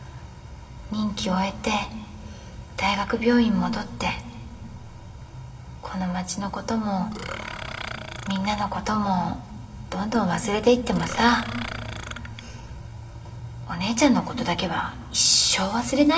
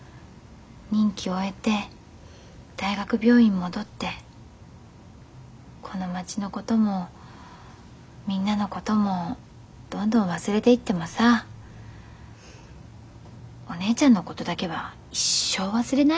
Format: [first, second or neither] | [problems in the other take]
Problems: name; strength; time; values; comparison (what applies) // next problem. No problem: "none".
second | background sound (Burping, eructation); 11 dB below the speech // room echo; dies away in 2.1 s